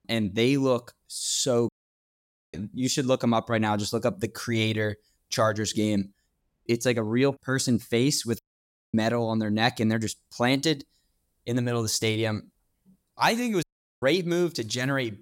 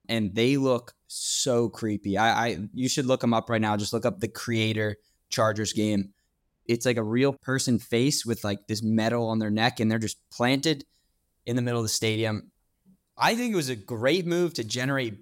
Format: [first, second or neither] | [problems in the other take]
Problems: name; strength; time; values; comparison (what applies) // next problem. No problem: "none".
second | audio cutting out; at 1.5 s for 1 s, at 8.5 s for 0.5 s and at 14 s